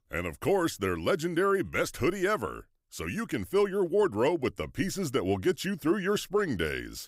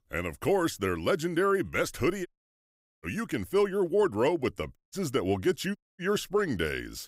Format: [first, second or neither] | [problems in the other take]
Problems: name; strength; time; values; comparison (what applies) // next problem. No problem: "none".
first | audio cutting out; at 2.5 s for 1 s, at 5 s and at 6 s